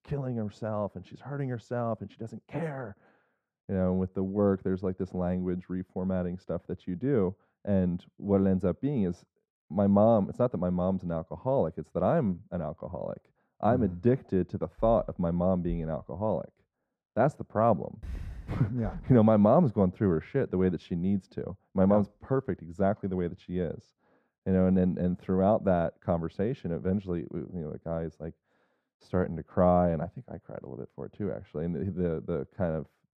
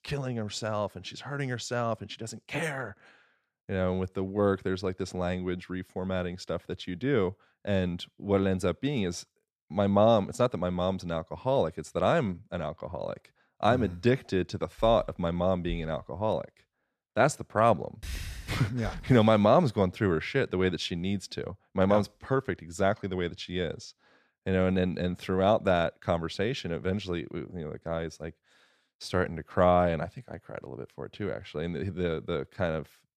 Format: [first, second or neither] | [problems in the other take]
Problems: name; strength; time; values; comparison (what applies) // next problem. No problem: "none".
second | muffled; very; fading above 1.5 kHz